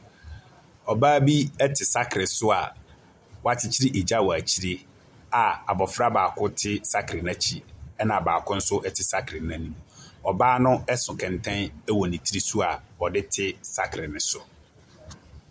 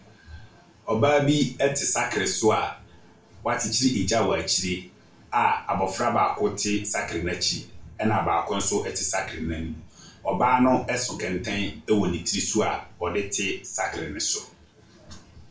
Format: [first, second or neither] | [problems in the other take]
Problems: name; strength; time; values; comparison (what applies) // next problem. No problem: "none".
first | room echo; dies away in 0.3 s